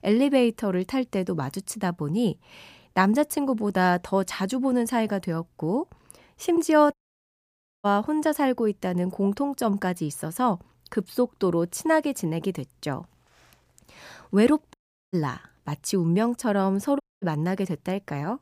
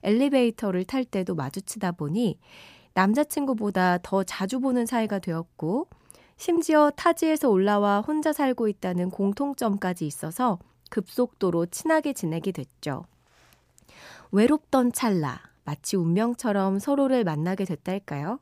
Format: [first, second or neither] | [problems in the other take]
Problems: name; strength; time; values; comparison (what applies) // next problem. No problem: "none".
second | audio cutting out; at 7 s for 1 s, at 15 s and at 17 s